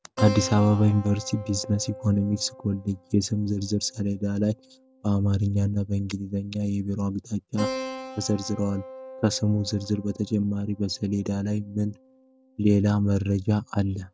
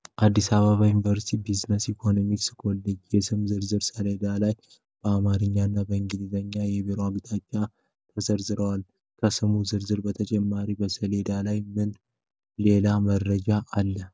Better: second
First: background sound (Keyboard (musical)); 15 dB below the speech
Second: none

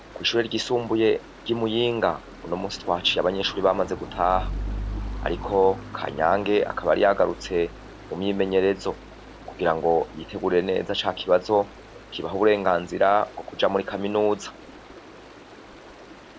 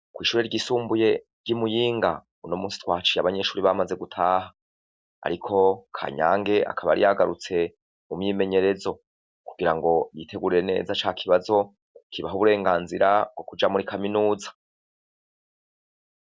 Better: second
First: background sound (Stream); 14 dB below the speech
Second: none

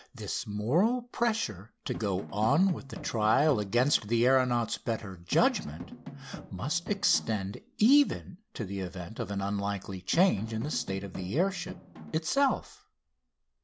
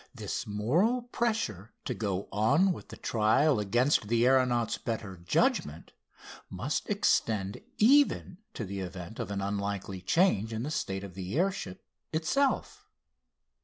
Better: second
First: background sound (Drum); 13 dB below the speech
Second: none

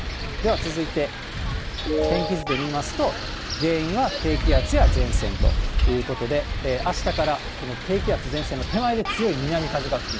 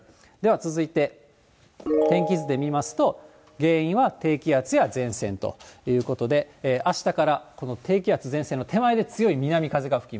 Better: second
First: background sound (Wind); as loud as the speech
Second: none

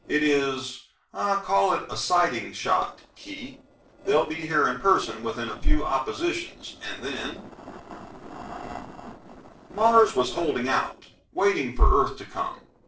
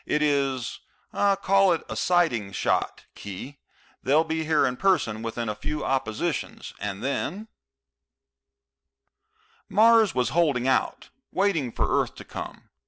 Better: second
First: noise reduction (neural separator model SepFormer DNS4)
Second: none

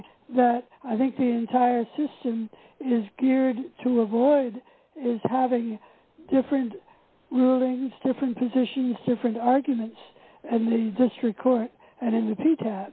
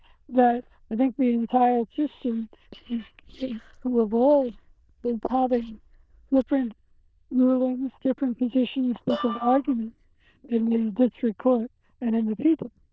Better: first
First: none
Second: noise reduction (neural diffusion model UNIVERSE++)

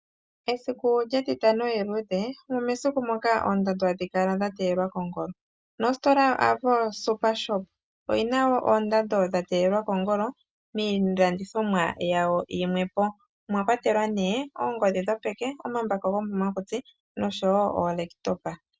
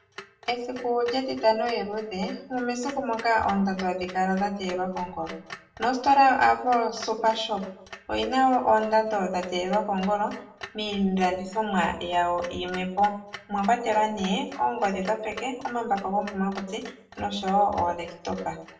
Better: first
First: none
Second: background sound (Clock); 19 dB below the speech // room echo; dies away in 0.5 s

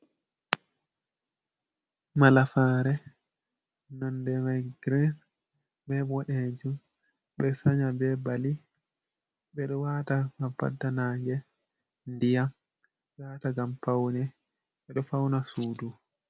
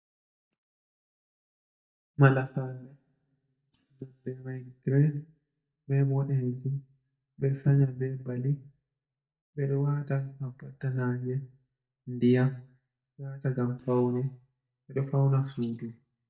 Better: first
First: none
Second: noise reduction (neural mask model DeepFilterNet 3)

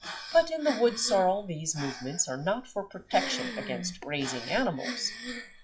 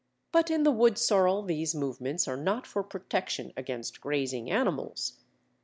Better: second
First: noise reduction (classical method WPE with log-MMSE)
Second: none

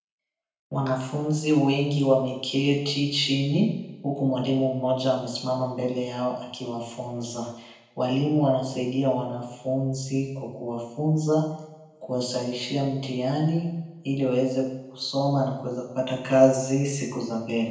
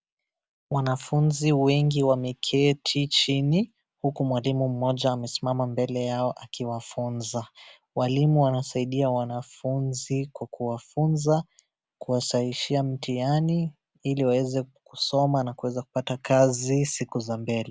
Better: second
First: room echo; dies away in 0.9 s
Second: none

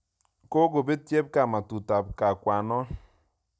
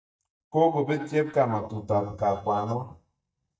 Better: first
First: none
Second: noise reduction (neural mask model DeepFilterNet 3)

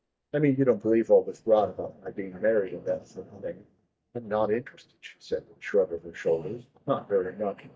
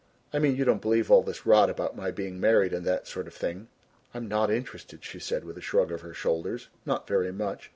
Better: second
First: noise reduction (neural mask model DeepFilterNet 3)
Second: none

